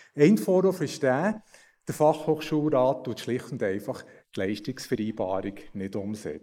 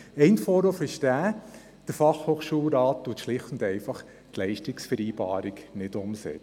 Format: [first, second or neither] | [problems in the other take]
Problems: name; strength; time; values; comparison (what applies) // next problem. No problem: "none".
second | noise reduction (neural mask model Resemble Enhance denoiser)